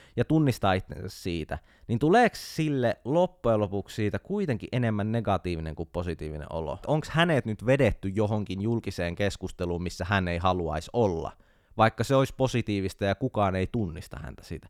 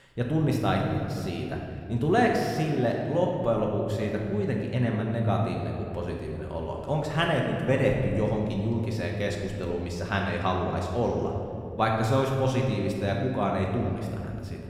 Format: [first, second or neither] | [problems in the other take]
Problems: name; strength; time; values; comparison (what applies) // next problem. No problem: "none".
first | room echo; noticeable; dies away in 2.1 s // off-mic speech; somewhat distant